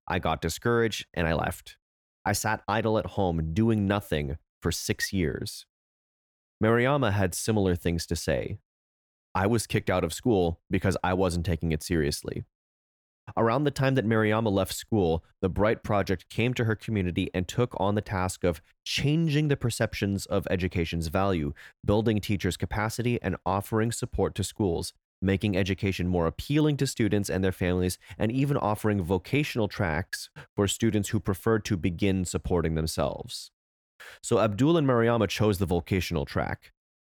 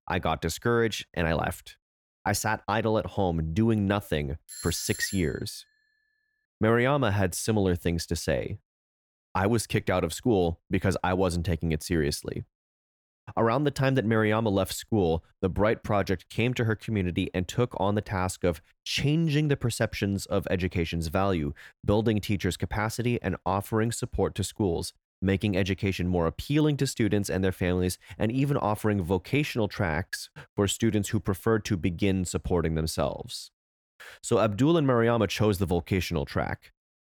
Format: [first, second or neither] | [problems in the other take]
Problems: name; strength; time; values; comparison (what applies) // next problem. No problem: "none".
first | doorbell; noticeable; at 4.5 s; peak 8 dB below the speech